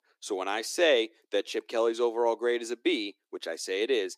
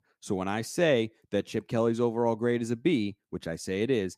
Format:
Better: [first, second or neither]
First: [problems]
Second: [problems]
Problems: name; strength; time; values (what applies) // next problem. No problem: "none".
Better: second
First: thin; very; fading below 350 Hz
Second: none